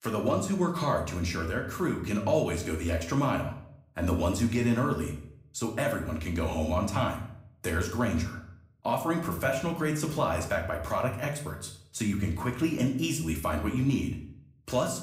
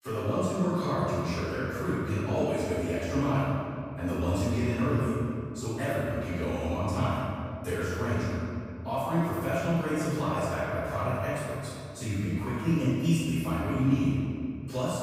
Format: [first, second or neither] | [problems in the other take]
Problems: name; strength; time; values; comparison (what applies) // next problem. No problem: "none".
first | room echo; strong; dies away in 2.3 s; slight in the first // off-mic speech; far; somewhat distant in the first